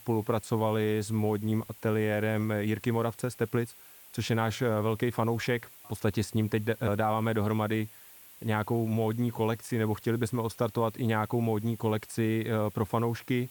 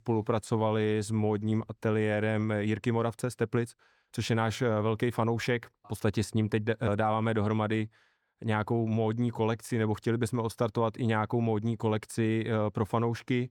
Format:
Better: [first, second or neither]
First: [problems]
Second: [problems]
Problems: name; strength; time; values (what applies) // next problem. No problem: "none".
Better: second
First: hiss; noticeable; throughout; 20 dB below the speech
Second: none